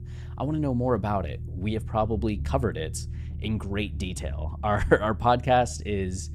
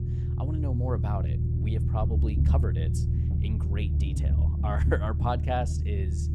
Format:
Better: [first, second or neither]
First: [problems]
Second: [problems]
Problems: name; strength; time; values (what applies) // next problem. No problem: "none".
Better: first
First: low rumble; faint; throughout; 25 dB below the speech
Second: low rumble; loud; throughout; 6 dB below the speech